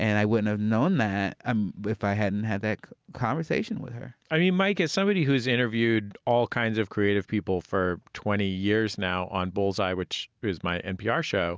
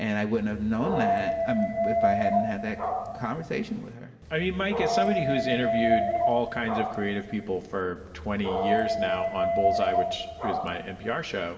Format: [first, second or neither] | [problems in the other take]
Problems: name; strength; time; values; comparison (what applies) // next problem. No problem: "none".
first | background sound (Dog); 1 dB above the speech // room echo; dies away in 1.8 s